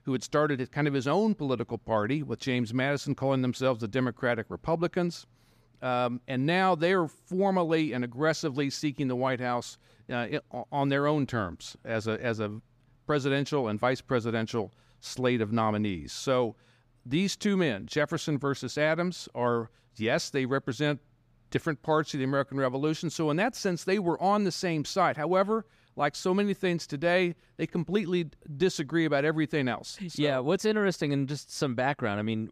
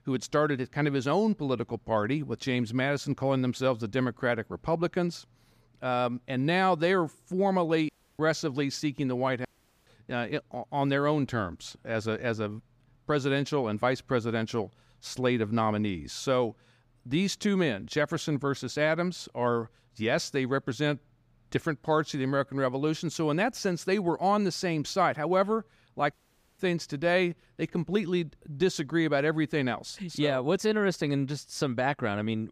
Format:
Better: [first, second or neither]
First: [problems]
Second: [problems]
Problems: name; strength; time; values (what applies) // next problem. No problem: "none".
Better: first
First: none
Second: audio cutting out; at 8 s, at 9.5 s and at 26 s